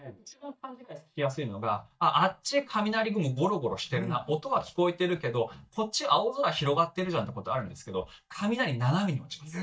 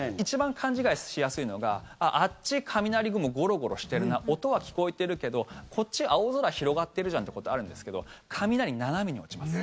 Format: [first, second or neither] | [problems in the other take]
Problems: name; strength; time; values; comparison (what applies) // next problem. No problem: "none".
second | noise reduction (neural mask model DeepFilterNet 3)